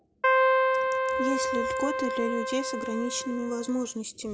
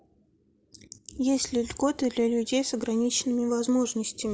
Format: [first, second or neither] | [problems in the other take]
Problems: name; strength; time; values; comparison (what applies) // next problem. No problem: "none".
second | background sound (Keyboard (musical)); 5 dB above the speech